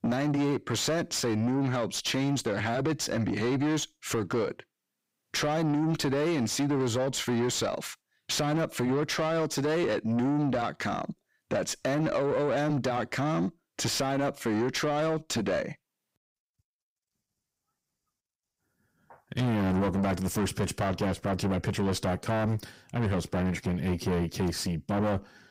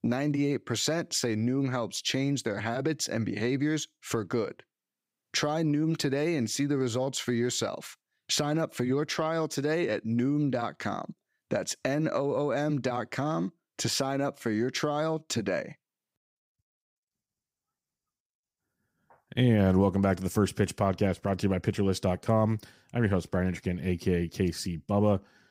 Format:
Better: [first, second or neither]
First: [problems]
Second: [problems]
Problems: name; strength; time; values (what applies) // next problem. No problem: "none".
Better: second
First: distortion; heavy; 7 dB below the speech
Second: none